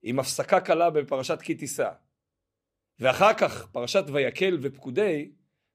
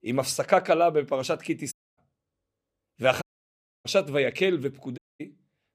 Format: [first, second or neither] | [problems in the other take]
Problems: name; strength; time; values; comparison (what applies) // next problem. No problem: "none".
first | audio cutting out; at 1.5 s, at 3 s for 0.5 s and at 5 s